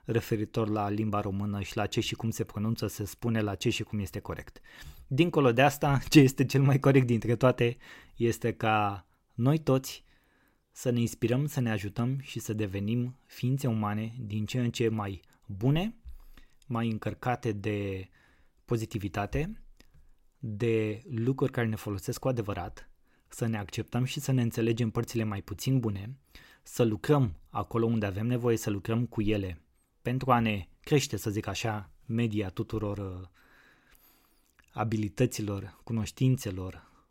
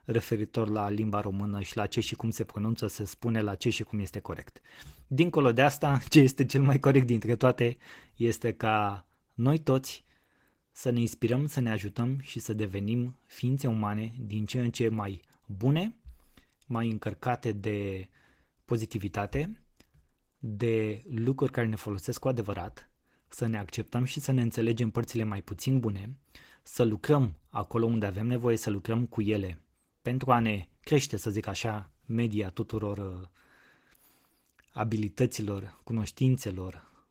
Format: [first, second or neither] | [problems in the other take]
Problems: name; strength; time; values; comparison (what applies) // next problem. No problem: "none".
first | garbled, watery; slightly; nothing above 16 kHz